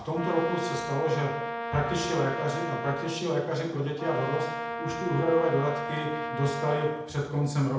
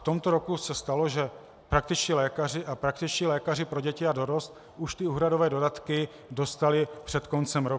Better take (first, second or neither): second